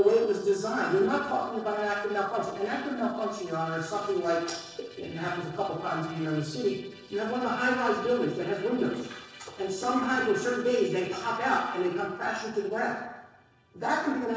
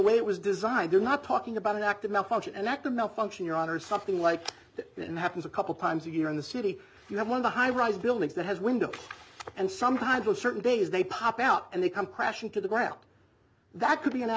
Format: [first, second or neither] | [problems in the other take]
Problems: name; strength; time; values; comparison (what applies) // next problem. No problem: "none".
second | noise reduction (neural separator model SepFormer DNS4)